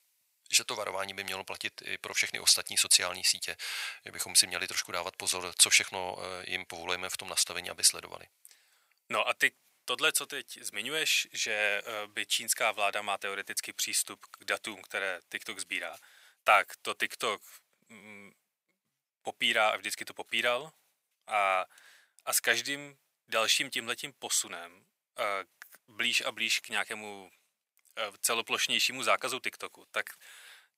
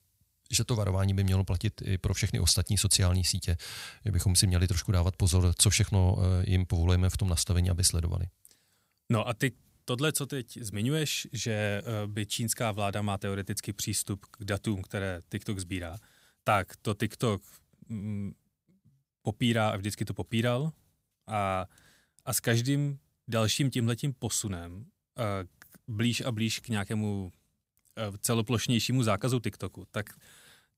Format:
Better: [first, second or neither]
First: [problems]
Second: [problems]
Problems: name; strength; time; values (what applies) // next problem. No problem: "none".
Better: second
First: thin; very; fading below 750 Hz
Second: none